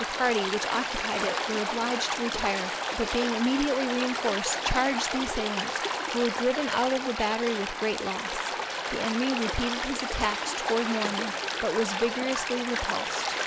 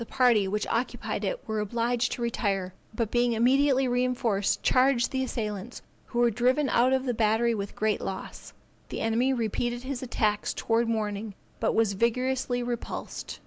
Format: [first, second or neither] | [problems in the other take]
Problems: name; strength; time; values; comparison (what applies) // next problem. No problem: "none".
second | background sound (Stream); 1 dB below the speech